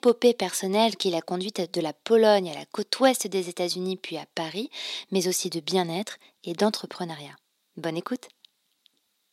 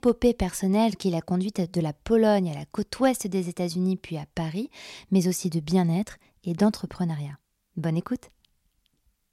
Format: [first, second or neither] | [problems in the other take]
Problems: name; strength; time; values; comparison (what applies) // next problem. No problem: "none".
second | thin; somewhat; fading below 300 Hz